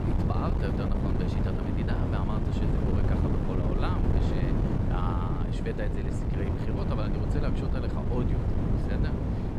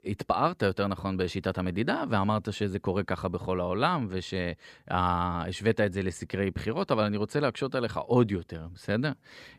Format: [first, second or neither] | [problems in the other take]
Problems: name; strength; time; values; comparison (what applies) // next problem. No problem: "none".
second | wind noise on the microphone; heavy; 2 dB above the speech